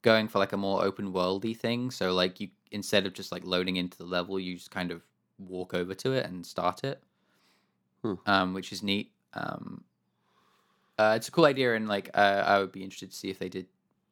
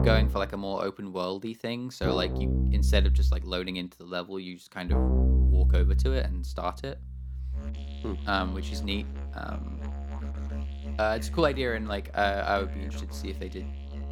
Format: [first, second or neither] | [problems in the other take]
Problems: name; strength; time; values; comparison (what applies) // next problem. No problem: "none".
first | background music; very loud; throughout; 2 dB above the speech